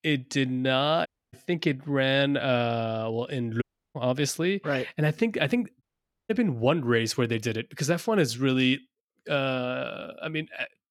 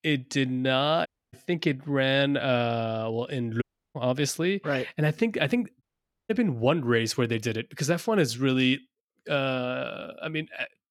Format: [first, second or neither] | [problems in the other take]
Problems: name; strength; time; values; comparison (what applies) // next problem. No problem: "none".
neither | audio cutting out; at 1 s, at 3.5 s and at 6 s; the same in both